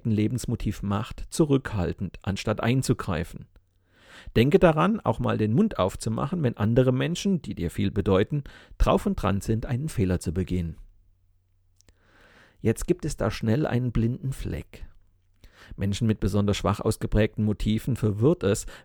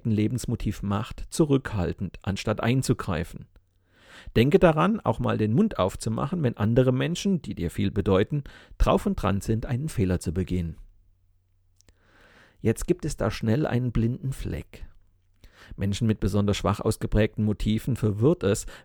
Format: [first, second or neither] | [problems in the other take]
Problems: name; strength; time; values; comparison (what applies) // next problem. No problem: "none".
neither | none